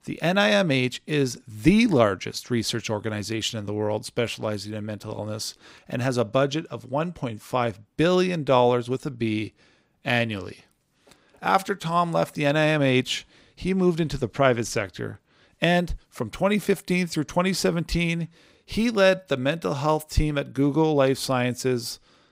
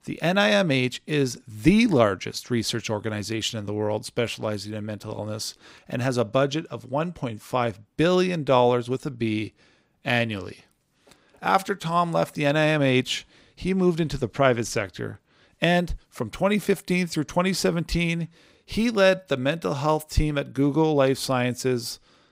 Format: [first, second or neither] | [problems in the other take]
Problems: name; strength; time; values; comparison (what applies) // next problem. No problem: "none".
neither | none